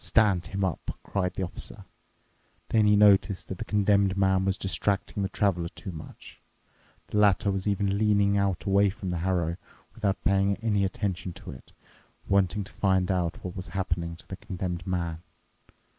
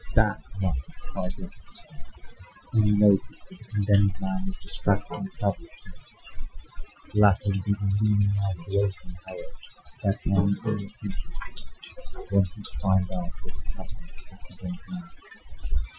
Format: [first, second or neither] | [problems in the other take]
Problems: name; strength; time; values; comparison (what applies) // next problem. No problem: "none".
first | noise reduction (classical method Wiener filter)